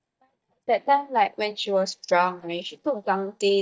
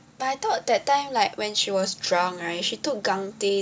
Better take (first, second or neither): second